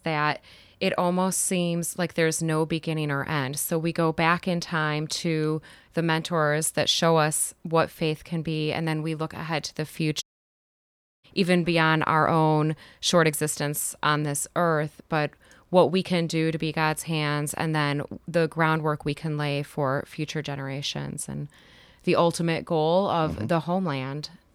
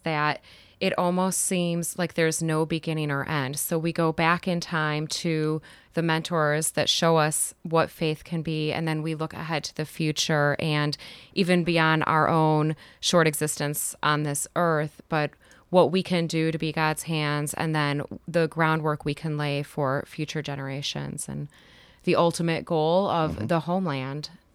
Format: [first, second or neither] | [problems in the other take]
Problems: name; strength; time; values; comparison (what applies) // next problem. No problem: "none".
second | audio cutting out; at 10 s for 1 s